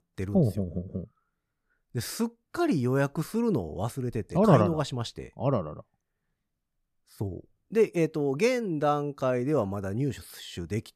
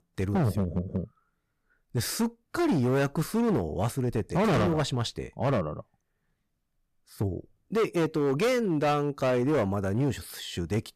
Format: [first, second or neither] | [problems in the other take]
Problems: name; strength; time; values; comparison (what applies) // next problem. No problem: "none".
first | distortion; heavy; 12% of the sound clipped